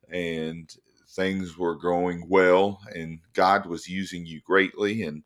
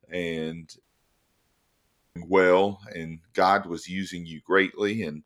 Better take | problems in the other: first | audio cutting out; at 1 s for 1.5 s

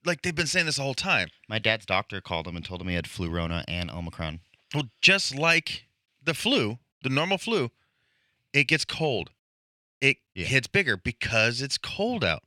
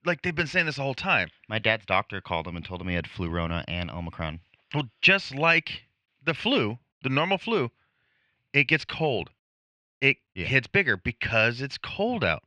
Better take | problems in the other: first | muffled; slightly; fading above 2.5 kHz

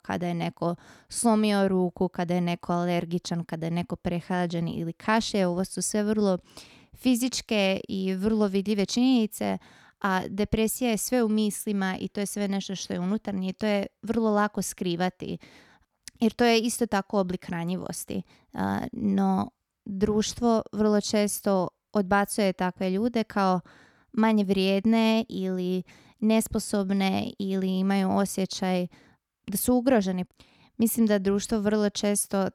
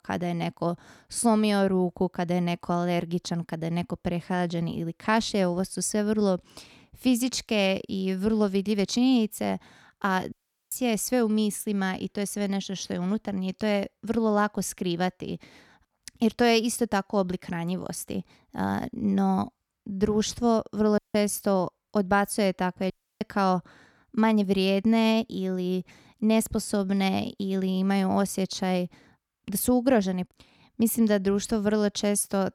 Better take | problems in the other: first | audio cutting out; at 10 s, at 21 s and at 23 s

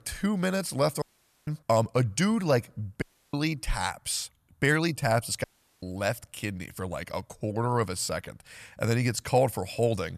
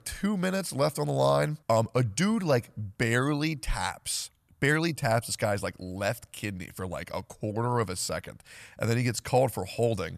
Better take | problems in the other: second | audio cutting out; at 1 s, at 3 s and at 5.5 s

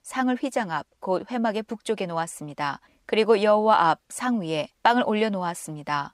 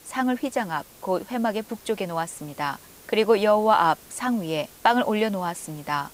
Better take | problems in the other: first | hiss; faint; throughout; 20 dB below the speech

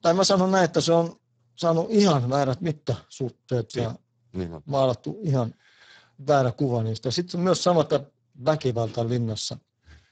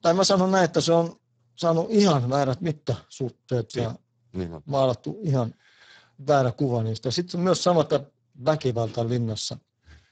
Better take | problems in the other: neither | garbled, watery; badly; nothing above 7.5 kHz; the same in both

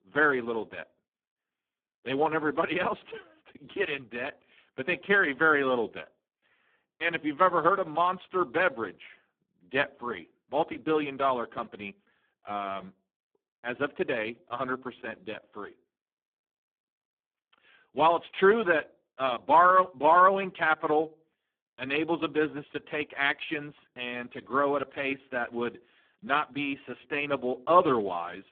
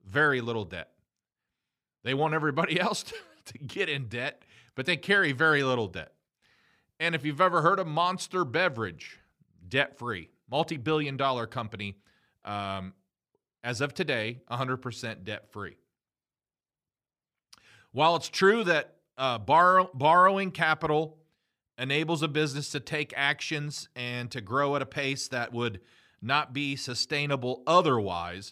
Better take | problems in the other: second | phone-call audio; poor line

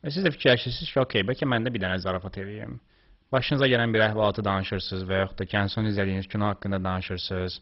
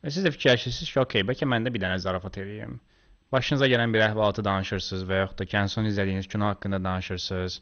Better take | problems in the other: second | garbled, watery; badly; nothing above 5.5 kHz; slightly in the second

